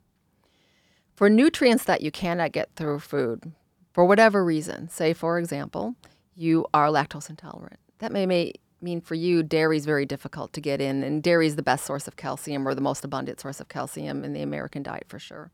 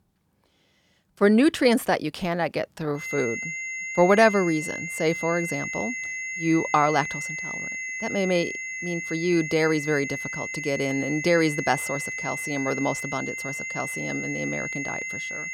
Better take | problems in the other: first | high-pitched whine; loud; from 3 s on; 2 kHz, 5 dB below the speech

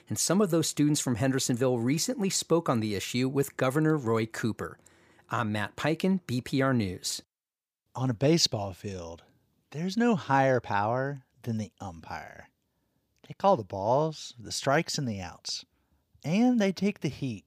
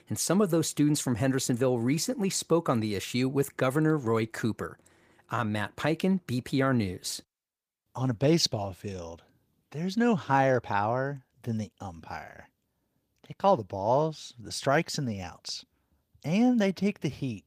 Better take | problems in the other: first | garbled, watery; slightly; nothing above 15 kHz

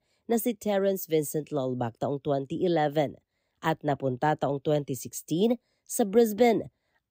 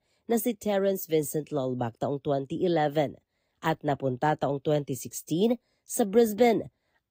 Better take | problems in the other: first | garbled, watery; slightly; nothing above 15.5 kHz

